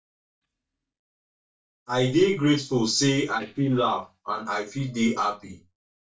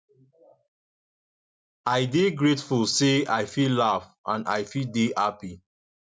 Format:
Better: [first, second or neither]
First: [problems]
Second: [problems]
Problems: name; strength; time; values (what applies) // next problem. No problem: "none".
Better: second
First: noise reduction (neural mask model DeepFilterNet 3)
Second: none